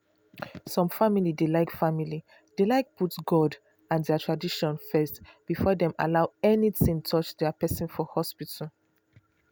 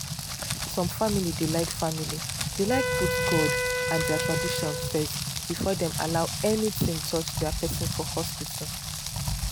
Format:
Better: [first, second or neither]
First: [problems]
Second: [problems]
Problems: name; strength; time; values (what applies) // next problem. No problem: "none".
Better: first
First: none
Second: background sound (Wind instrument, woodwind instrument + Rain); as loud as the speech